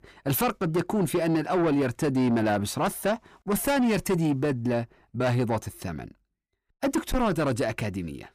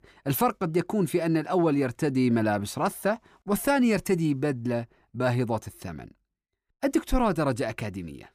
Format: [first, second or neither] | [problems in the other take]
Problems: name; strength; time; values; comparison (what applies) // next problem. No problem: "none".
second | distortion; slight; 10 dB below the speech